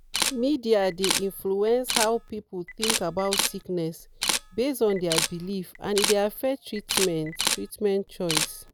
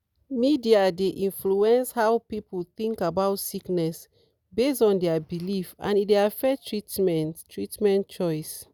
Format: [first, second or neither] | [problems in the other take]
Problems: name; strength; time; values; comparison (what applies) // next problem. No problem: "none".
second | background sound (Camera); 4 dB below the speech